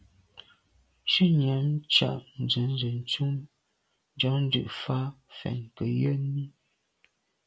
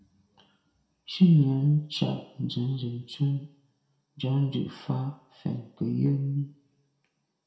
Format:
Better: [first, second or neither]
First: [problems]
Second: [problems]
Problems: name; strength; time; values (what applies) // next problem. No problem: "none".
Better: first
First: none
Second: room echo; dies away in 0.6 s